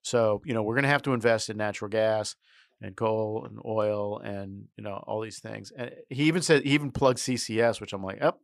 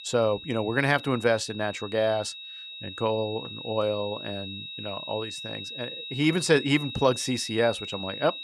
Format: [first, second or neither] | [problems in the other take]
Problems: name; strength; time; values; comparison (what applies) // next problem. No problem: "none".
first | high-pitched whine; loud; throughout; 4 kHz, 10 dB below the speech